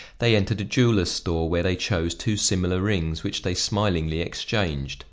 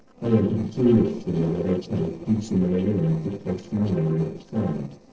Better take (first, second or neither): first